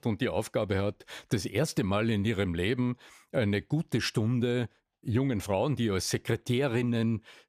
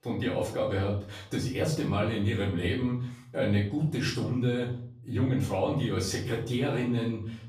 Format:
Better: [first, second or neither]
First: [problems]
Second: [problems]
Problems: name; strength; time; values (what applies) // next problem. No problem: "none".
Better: first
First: none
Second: off-mic speech; far // room echo; slight; dies away in 0.5 s